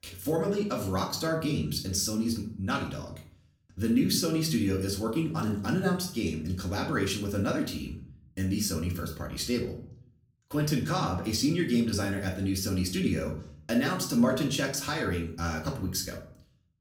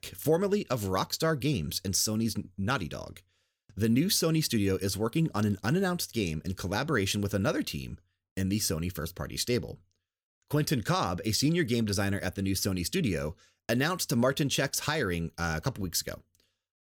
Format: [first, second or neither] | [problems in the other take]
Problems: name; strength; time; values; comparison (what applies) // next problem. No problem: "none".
second | room echo; slight; dies away in 0.5 s // off-mic speech; far